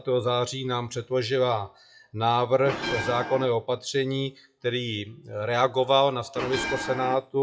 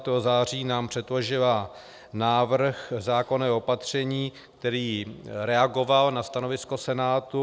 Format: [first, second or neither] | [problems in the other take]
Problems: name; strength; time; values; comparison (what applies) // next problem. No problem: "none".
second | noise reduction (classical method WPE with log-MMSE)